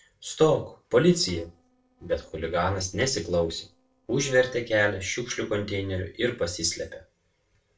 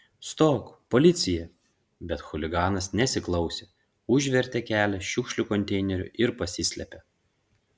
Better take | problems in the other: second | noise reduction (neural separator model SepFormer DNS4)

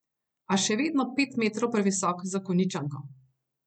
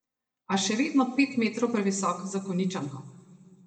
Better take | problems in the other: first | room echo; dies away in 1.3 s

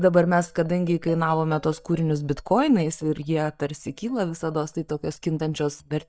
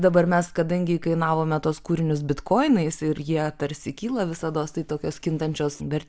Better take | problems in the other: second | noise reduction (neural mask model DeepFilterNet 3)

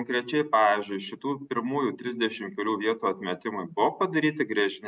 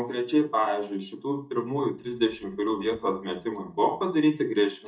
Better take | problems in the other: first | noise reduction (neural mask model DeepFilterNet 3)

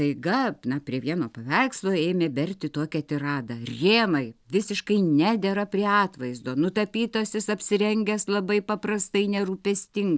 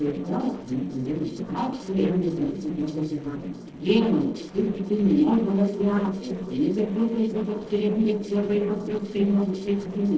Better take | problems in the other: first | noise reduction (neural separator model SepFormer DNS4)

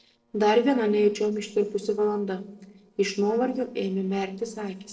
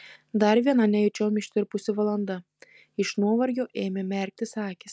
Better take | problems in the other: second | noise reduction (neural separator model SepFormer DNS4)

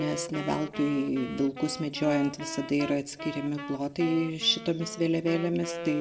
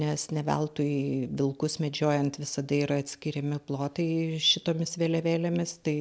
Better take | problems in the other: second | background sound (Wind instrument, woodwind instrument); 11 dB below the speech // room echo; dies away in 1.5 s

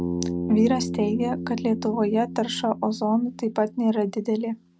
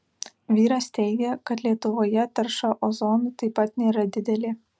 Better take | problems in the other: second | background sound (Bass guitar); 8 dB below the speech

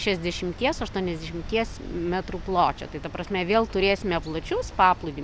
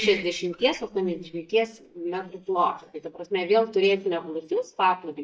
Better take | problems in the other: first | noise reduction (neural mask model DeepFilterNet 3)

